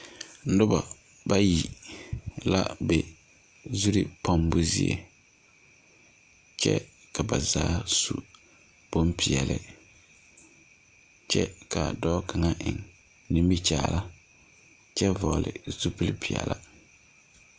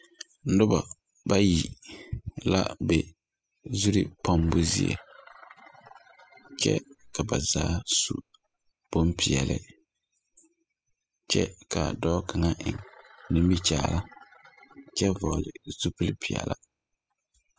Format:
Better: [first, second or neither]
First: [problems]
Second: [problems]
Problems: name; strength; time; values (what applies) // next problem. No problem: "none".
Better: first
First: none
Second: noise reduction (classical method spectral subtraction)